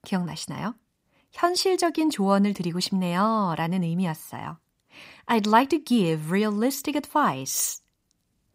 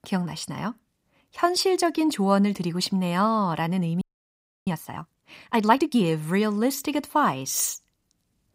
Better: first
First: none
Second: audio freezing; at 4 s for 0.5 s

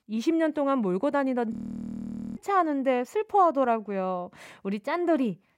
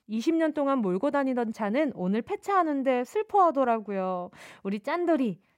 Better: second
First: audio freezing; at 1.5 s for 1 s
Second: none

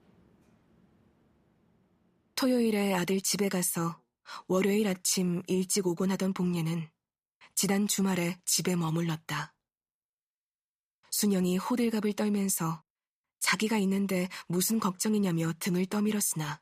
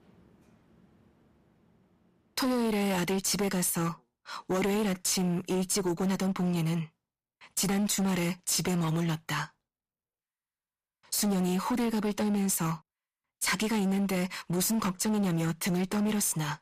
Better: first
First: none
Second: distortion; slight; 16% of the sound clipped

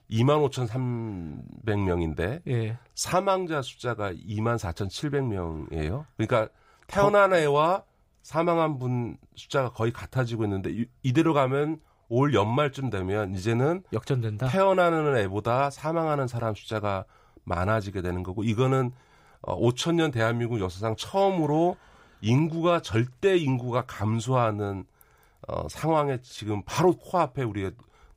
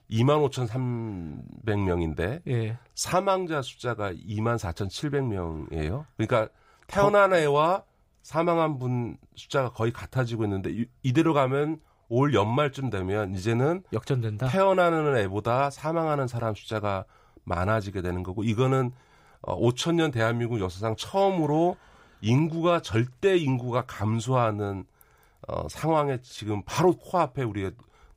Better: neither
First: none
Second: none

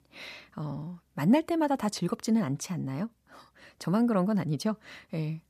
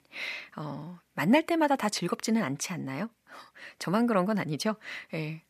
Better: first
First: none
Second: thin; very slightly; fading below 350 Hz

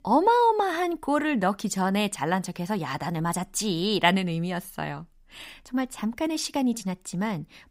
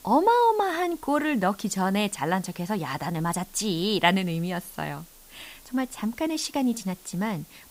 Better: first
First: none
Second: hiss; faint; throughout; 25 dB below the speech

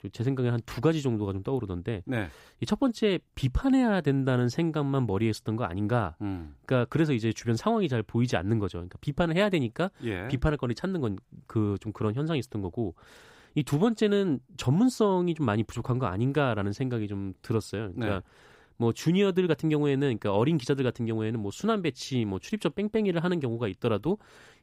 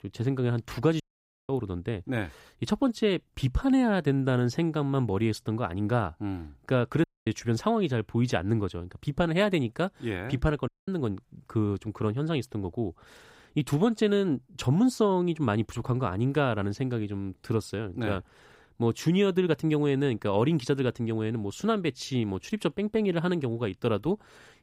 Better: first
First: none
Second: audio cutting out; at 1 s, at 7 s and at 11 s

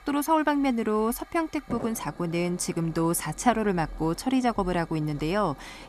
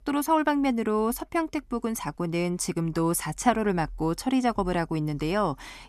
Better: second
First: hiss; noticeable; throughout; 20 dB below the speech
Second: none

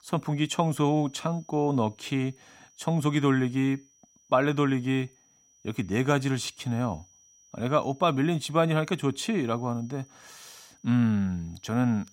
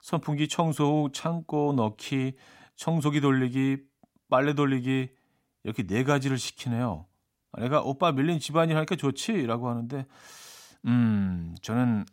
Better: second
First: high-pitched whine; faint; throughout; 6 kHz, 30 dB below the speech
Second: none

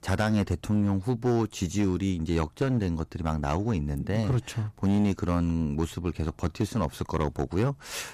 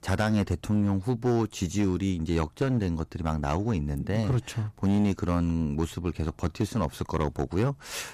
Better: neither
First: distortion; slight; 7% of the sound clipped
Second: distortion; slight; 7% of the sound clipped

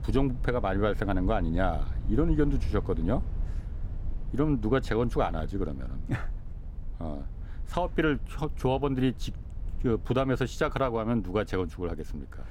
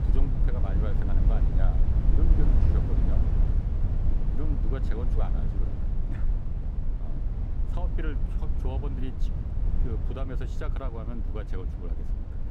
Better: first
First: low rumble; faint; throughout; 25 dB below the speech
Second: low rumble; loud; throughout; 1 dB below the speech

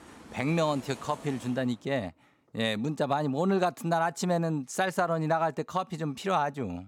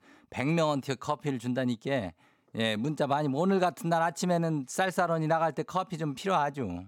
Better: second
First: train or aircraft noise; noticeable; until 1.5 s; 20 dB below the speech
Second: none

